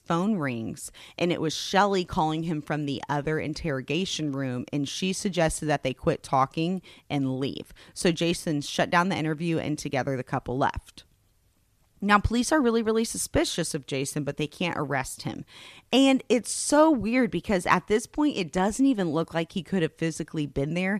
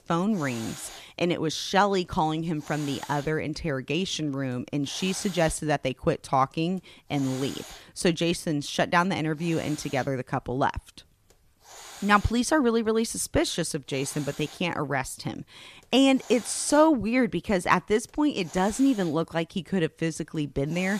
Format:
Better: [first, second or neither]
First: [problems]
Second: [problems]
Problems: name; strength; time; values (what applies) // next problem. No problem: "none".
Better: first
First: none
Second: hiss; noticeable; throughout; 15 dB below the speech